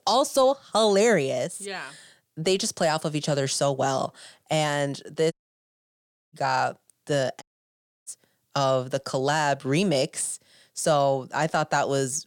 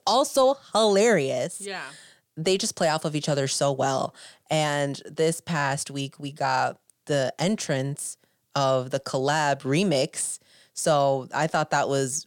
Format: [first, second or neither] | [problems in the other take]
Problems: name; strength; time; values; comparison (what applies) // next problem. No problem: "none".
second | audio cutting out; at 5.5 s for 1 s and at 7.5 s for 0.5 s